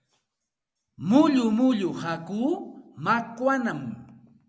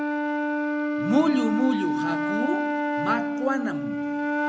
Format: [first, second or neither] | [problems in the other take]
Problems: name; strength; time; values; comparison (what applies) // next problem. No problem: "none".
first | background sound (Wind instrument, woodwind instrument); 2 dB above the speech